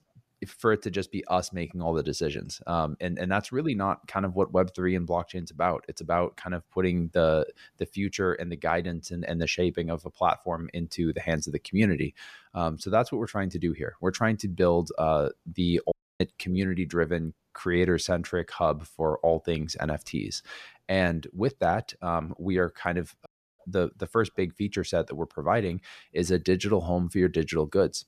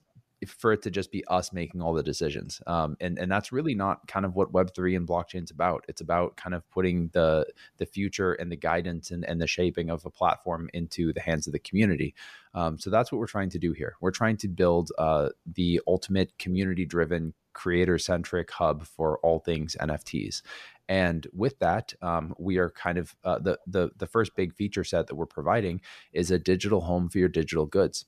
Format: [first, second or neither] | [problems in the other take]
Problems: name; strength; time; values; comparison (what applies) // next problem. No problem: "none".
second | audio cutting out; at 16 s and at 23 s